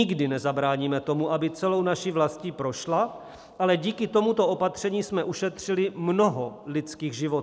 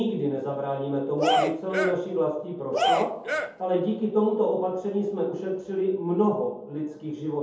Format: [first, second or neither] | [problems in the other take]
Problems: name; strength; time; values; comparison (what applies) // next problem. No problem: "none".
first | background sound (Cheering); as loud as the speech // room echo; dies away in 0.7 s